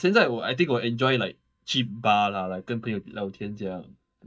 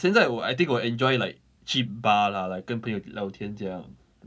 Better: second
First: noise reduction (neural mask model DeepFilterNet 3)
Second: none

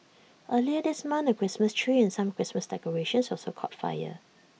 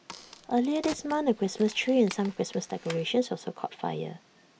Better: first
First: none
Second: background sound (Clapping + Crack); 18 dB below the speech

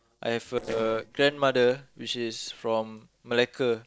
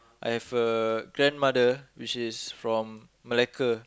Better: second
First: noise reduction (neural separator model SepFormer DNS4)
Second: none

